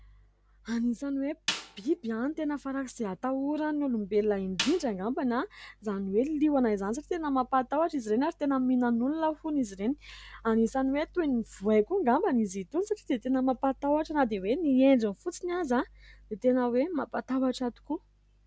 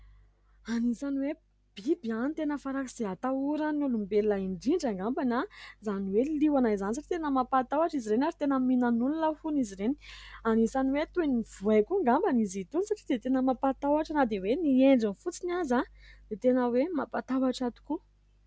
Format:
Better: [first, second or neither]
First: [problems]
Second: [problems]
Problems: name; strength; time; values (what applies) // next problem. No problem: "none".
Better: second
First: background sound (Snare drum); 11 dB below the speech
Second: none